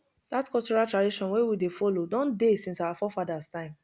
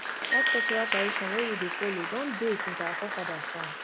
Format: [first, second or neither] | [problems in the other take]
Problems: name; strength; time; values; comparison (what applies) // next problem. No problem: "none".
first | background sound (Applause + Glockenspiel); 3 dB above the speech